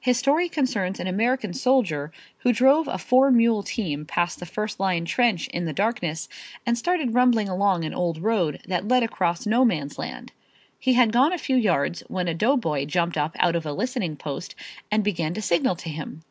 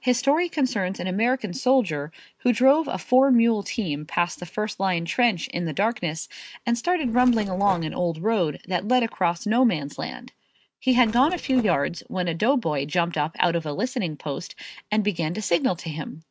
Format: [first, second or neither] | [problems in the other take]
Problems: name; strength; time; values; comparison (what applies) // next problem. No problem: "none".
first | noise reduction (neural mask model RNNoise)